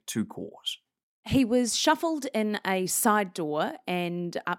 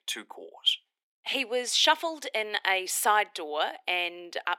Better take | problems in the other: first | thin; very; fading below 400 Hz

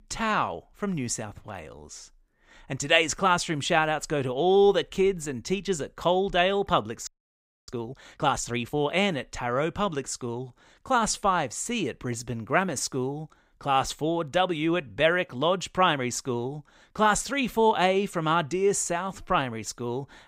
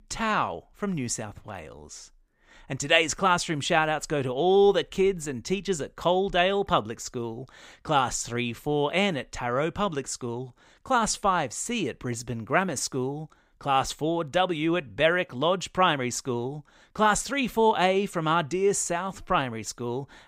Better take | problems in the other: second | audio freezing; at 7 s for 0.5 s

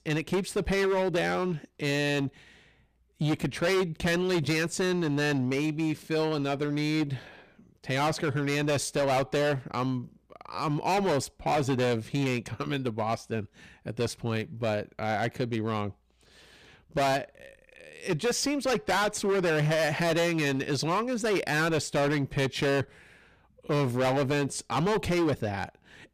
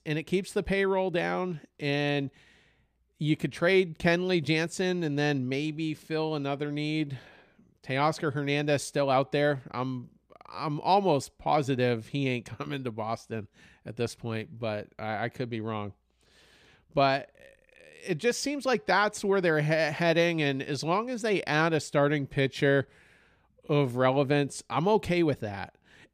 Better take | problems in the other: second | distortion; heavy; 15% of the sound clipped

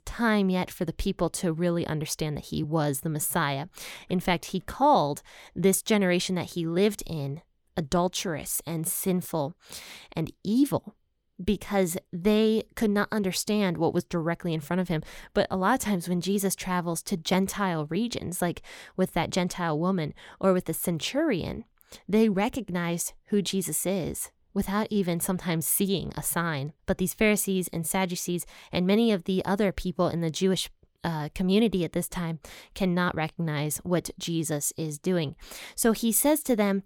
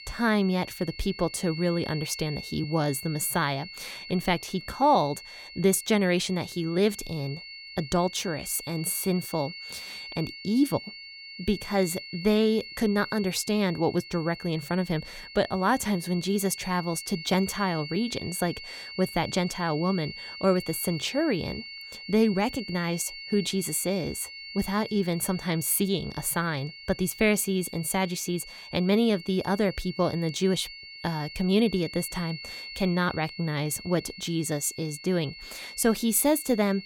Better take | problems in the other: first | high-pitched whine; noticeable; throughout; 4.5 kHz, 10 dB below the speech

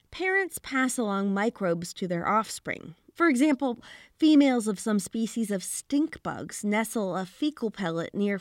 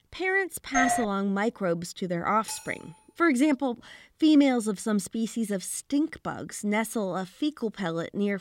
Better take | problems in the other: first | doorbell; loud; at 0.5 s; peak level with the speech // clattering dishes; faint; at 2.5 s; peak 15 dB below the speech

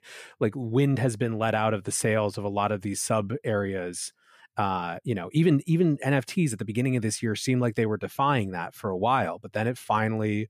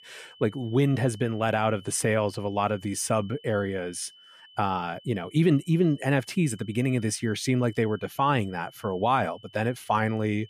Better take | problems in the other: first | high-pitched whine; faint; throughout; 3 kHz, 25 dB below the speech

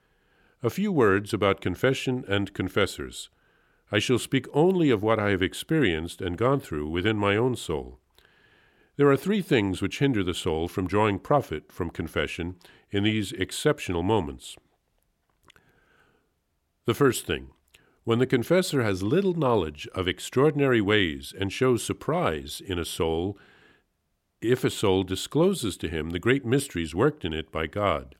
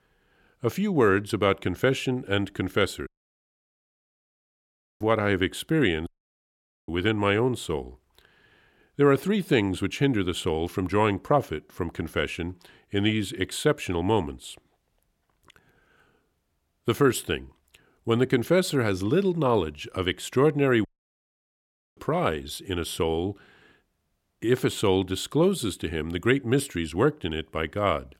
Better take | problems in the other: first | audio cutting out; at 3 s for 2 s, at 6 s for 1 s and at 21 s for 1 s

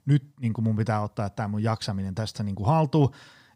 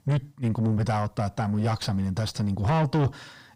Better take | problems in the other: first | distortion; heavy; 6 dB below the speech

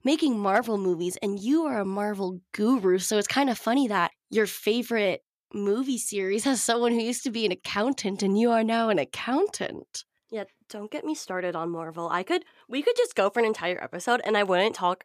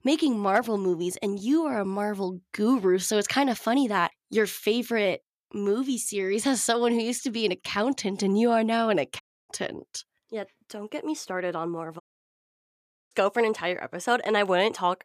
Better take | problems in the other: first | audio cutting out; at 9 s and at 12 s for 1 s

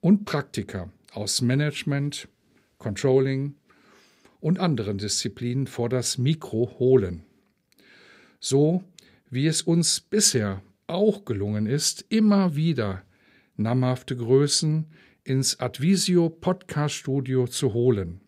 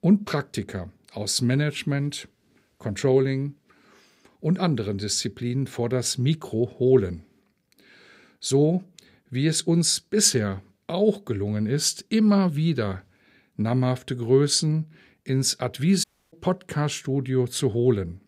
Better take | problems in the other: first | audio cutting out; at 16 s

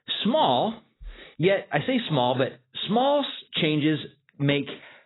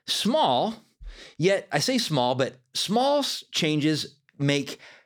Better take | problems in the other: second | garbled, watery; badly; nothing above 4 kHz

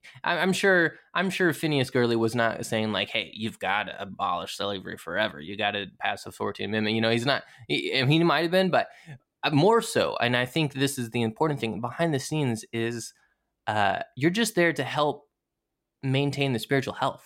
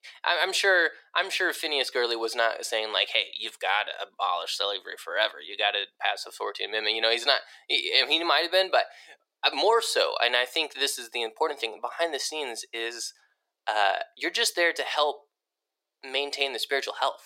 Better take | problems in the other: first | thin; very; fading below 450 Hz

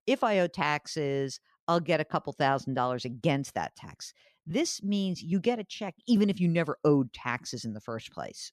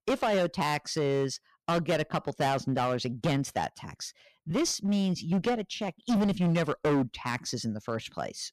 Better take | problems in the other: first | distortion; heavy; 13% of the sound clipped

